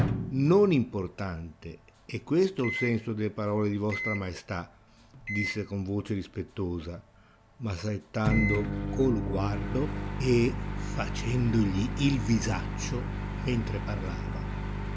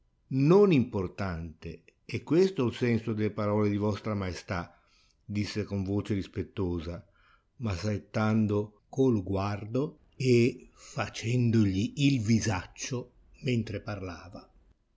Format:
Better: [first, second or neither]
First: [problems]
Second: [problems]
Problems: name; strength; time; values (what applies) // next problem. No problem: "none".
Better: second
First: background sound (Microwave oven); 5 dB below the speech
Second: none